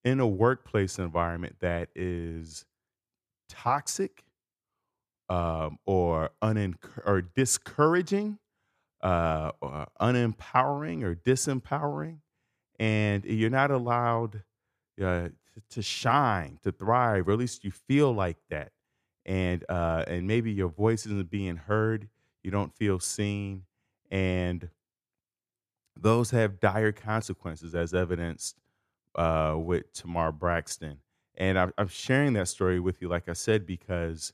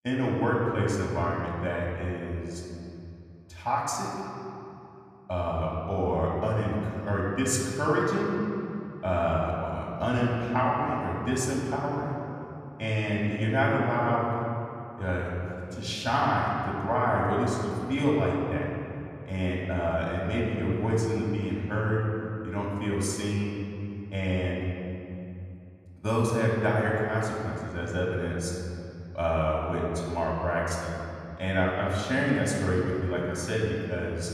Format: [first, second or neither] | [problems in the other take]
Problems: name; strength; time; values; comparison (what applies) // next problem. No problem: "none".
first | room echo; noticeable; dies away in 2.5 s // off-mic speech; far